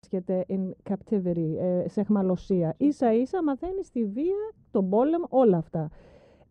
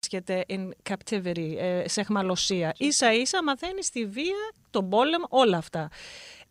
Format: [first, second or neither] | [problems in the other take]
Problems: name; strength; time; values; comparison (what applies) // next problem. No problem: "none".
second | muffled; very; fading above 1.5 kHz